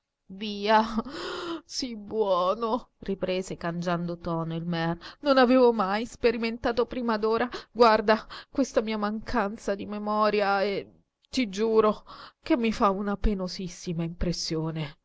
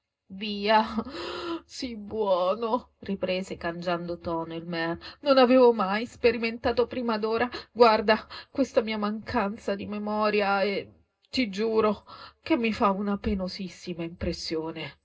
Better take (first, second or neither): first